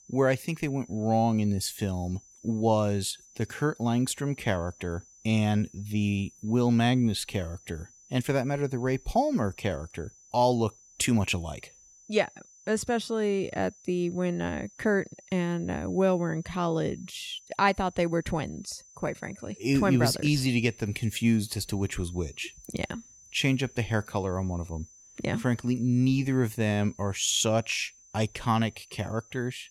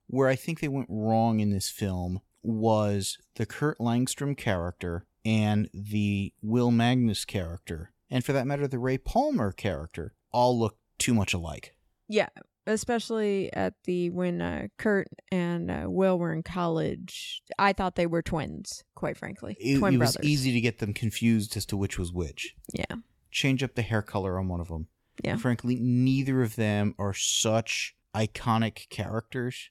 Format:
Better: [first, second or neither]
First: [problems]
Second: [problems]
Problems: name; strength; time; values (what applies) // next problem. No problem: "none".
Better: second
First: high-pitched whine; faint; throughout; 6 kHz, 25 dB below the speech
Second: none